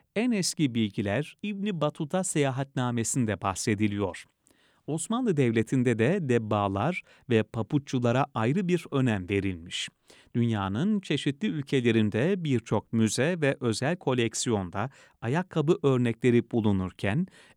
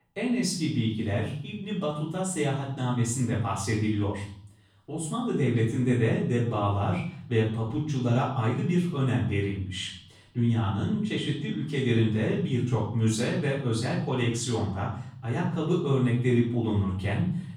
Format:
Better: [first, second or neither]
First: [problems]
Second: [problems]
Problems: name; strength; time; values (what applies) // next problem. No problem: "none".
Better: first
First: none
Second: off-mic speech; far // room echo; noticeable; dies away in 0.6 s